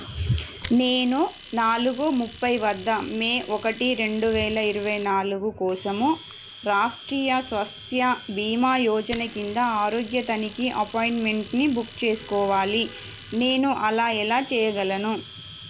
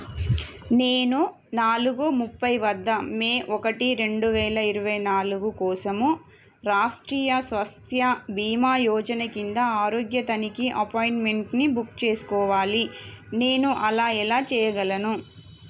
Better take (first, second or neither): second